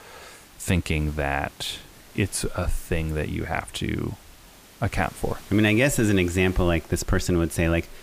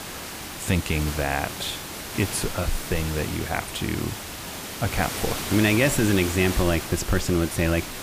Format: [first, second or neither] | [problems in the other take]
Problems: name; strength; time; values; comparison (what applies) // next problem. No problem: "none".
first | hiss; loud; throughout; 7 dB below the speech; faint in the first